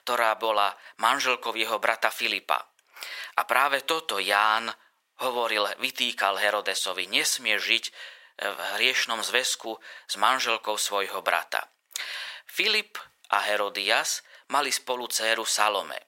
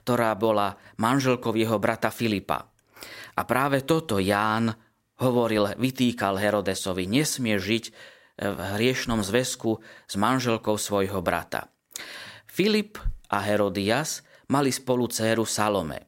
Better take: second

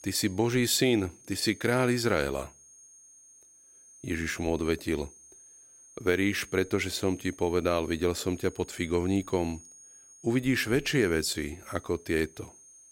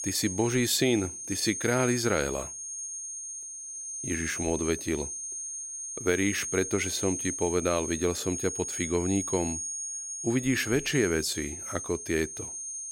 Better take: first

